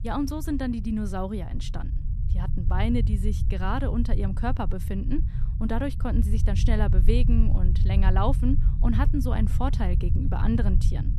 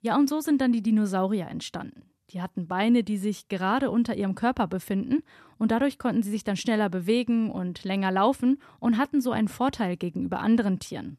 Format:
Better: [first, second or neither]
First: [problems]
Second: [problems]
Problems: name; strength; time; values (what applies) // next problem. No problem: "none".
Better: second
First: low rumble; loud; throughout; 10 dB below the speech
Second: none